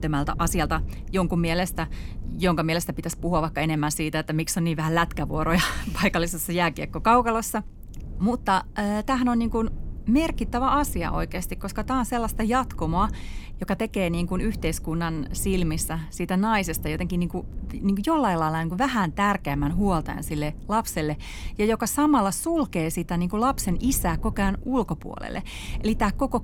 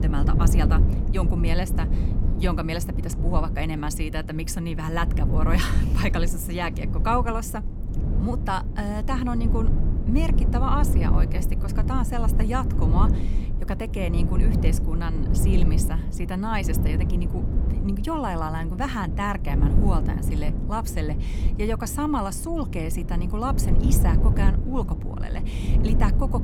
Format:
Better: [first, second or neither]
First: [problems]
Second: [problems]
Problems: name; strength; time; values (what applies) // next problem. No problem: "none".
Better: first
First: low rumble; faint; throughout; 25 dB below the speech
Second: low rumble; loud; throughout; 7 dB below the speech